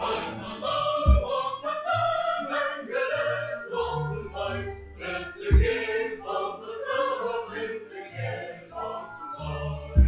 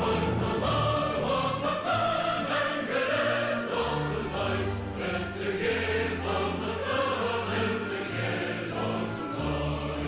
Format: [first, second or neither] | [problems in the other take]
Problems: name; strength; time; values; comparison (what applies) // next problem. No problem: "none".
second | noise reduction (classical method log-MMSE)